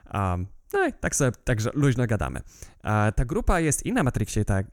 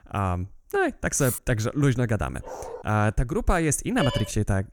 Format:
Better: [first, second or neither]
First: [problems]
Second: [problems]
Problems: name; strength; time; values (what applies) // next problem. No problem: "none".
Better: first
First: none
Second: clattering dishes; noticeable; at 1 s; peak 7 dB below the speech // dog barking; faint; at 2.5 s; peak 10 dB below the speech // phone ringing; noticeable; at 4 s; peak 5 dB below the speech